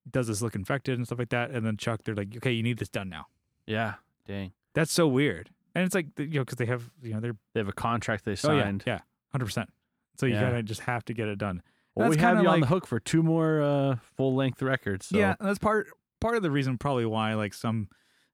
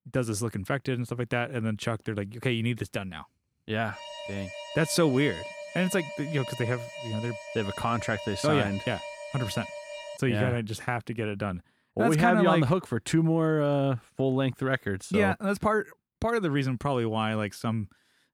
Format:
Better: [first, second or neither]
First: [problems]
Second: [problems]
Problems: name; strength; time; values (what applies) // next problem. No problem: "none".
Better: first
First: none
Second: alarm; noticeable; from 4 to 10 s; peak 10 dB below the speech